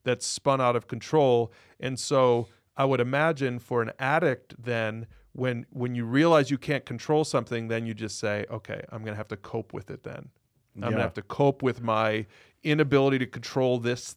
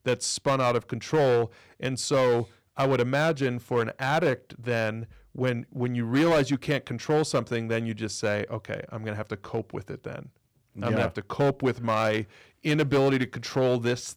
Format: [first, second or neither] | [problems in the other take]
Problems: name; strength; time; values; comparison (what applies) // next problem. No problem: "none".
first | distortion; slight; 6% of the sound clipped